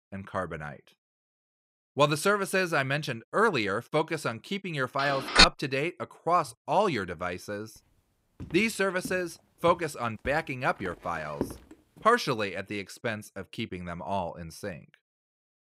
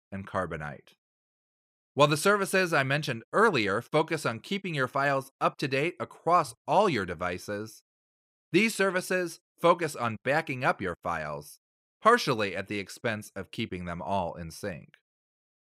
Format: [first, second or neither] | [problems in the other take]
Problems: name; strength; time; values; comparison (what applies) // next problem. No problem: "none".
second | phone ringing; loud; at 5.5 s; peak 10 dB above the speech // footsteps; noticeable; from 8.5 to 12 s; peak 7 dB below the speech